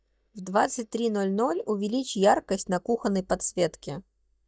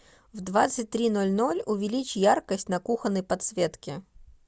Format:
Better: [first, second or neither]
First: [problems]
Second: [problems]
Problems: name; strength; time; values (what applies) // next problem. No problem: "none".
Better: second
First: noise reduction (neural mask model DeepFilterNet 3)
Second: none